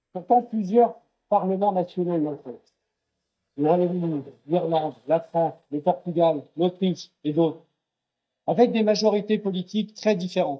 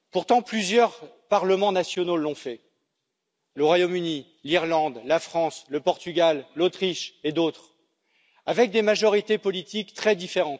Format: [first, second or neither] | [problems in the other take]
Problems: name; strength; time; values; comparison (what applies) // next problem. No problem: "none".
second | noise reduction (neural mask model DeepFilterNet 3)